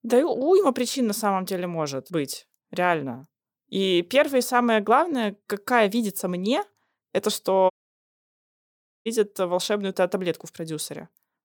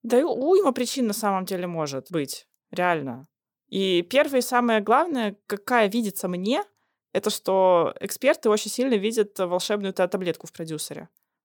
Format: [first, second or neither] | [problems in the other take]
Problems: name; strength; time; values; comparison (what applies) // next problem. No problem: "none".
second | audio cutting out; at 7.5 s for 1.5 s